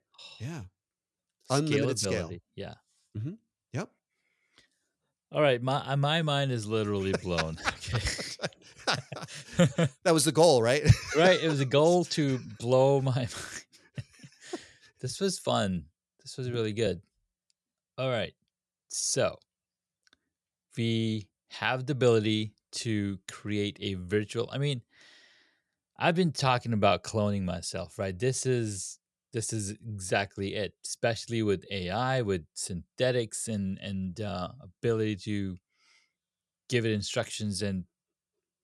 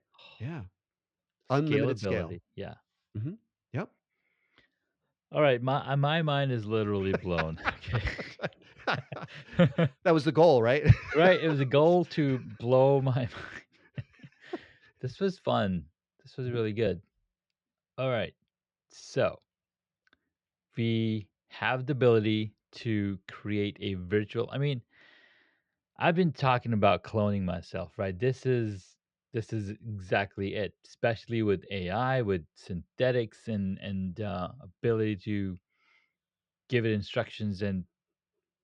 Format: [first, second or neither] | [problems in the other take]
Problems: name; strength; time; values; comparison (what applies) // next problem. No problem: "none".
first | muffled; slightly; fading above 3 kHz